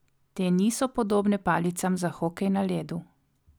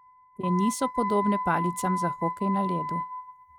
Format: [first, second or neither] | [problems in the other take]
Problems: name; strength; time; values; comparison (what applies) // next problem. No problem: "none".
first | noise reduction (neural mask model RNNoise)